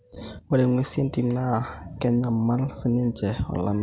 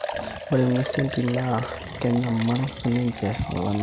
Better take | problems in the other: first | background sound (Liquid); 9 dB below the speech

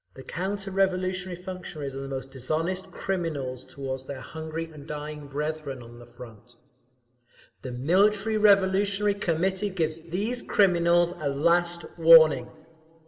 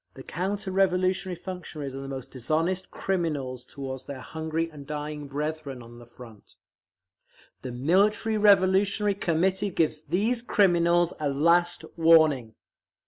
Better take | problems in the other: second | room echo; dies away in 2.1 s

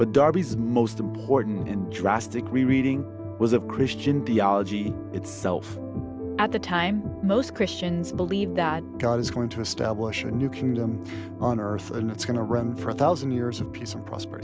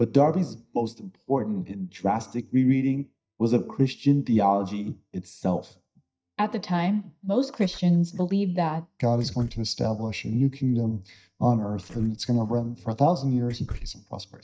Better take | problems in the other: first | noise reduction (neural mask model DeepFilterNet 3)

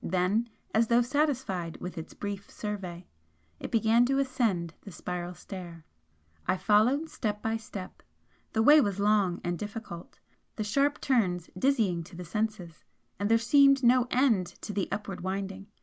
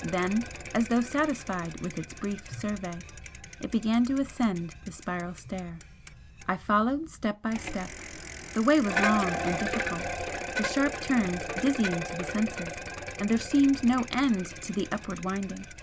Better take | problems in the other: first | background sound (Bicycle); 8 dB below the speech

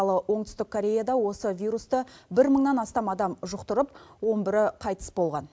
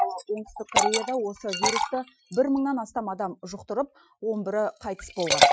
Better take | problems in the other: first | noise reduction (classical method Wiener filter)

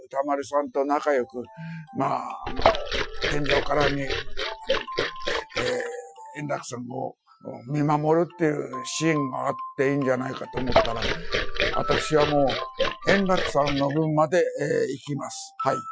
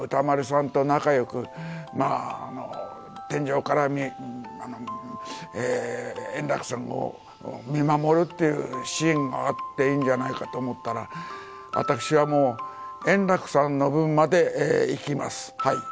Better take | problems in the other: second | noise reduction (classical method Wiener filter)

